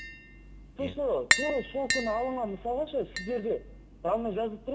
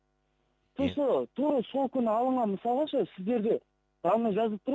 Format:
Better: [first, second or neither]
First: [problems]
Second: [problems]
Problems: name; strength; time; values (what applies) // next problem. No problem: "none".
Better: second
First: background sound (Tap); 3 dB below the speech // room echo; dies away in 0.6 s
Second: none